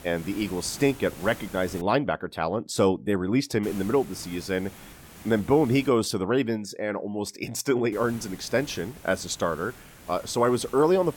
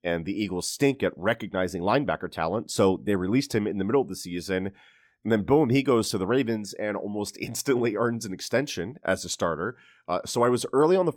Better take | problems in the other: second | hiss; noticeable; until 2 s, from 3.5 to 6 s and from 8 s on; 20 dB below the speech

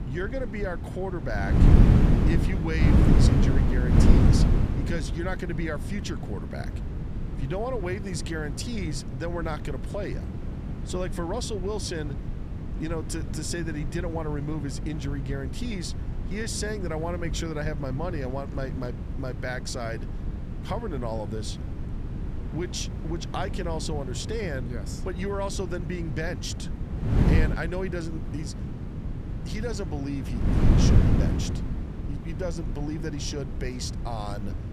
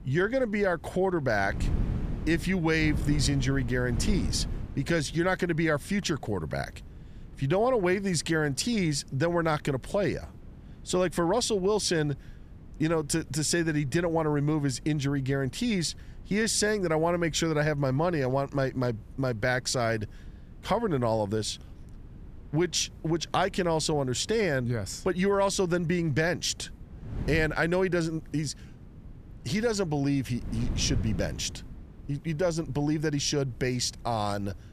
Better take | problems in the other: second | wind noise on the microphone; heavy; 3 dB below the speech; occasional gusts in the second

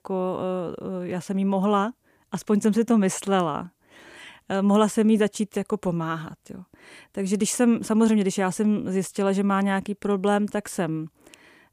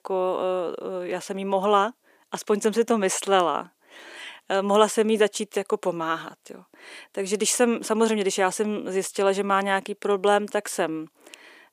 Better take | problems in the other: first | thin; somewhat; fading below 400 Hz

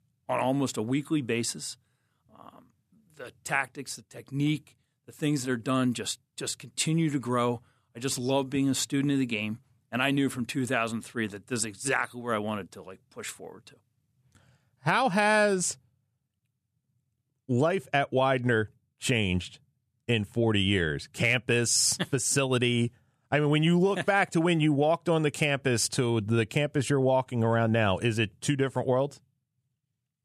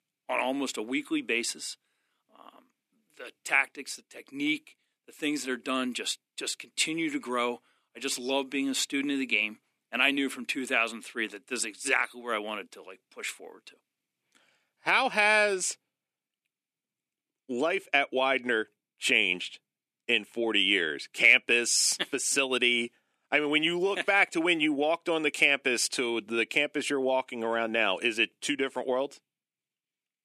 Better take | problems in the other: first | thin; very slightly; fading below 300 Hz

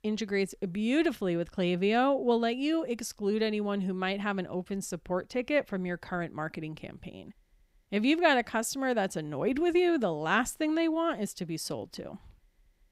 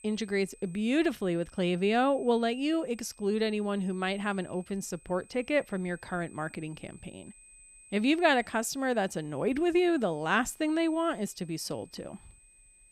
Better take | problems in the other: first | high-pitched whine; faint; throughout; 8 kHz, 25 dB below the speech

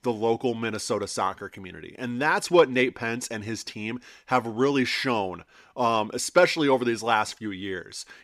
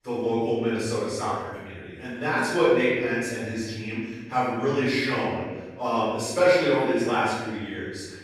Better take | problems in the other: first | off-mic speech; far // room echo; strong; dies away in 1.2 s

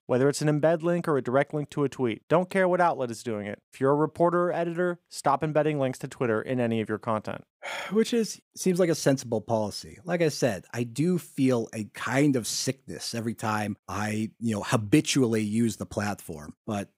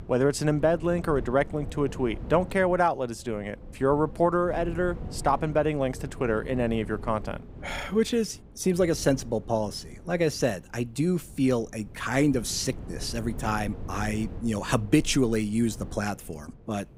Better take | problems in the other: first | wind noise on the microphone; occasional gusts; 20 dB below the speech

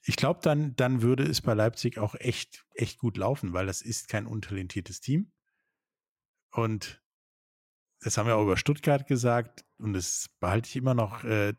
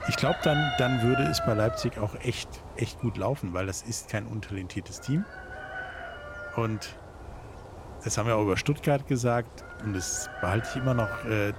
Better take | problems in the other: first | animal sounds; loud; throughout; 7 dB below the speech

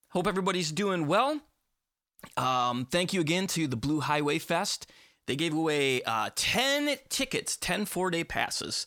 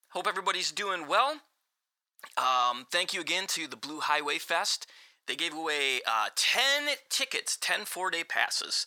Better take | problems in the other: first | thin; very; fading below 600 Hz

